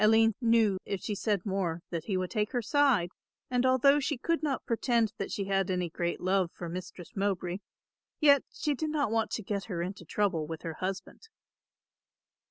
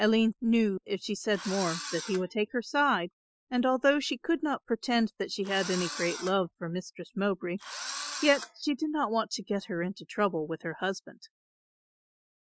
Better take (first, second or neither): first